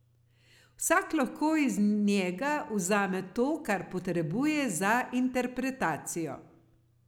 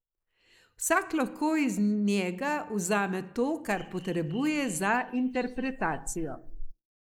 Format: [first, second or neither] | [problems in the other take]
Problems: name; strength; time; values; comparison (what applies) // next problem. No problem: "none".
first | noise reduction (neural mask model Resemble Enhance denoiser)